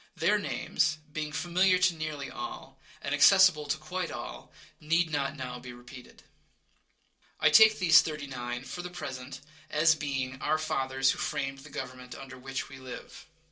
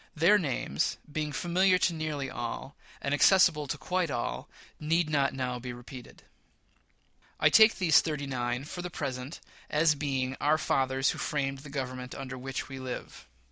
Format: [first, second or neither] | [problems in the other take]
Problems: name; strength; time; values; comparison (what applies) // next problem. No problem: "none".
second | room echo; dies away in 0.2 s